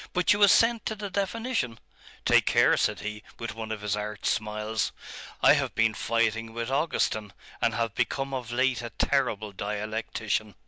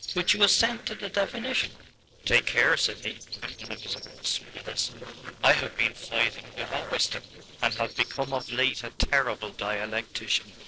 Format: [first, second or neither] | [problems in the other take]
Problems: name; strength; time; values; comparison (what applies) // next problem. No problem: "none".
first | noise reduction (neural separator model SepFormer DNS4)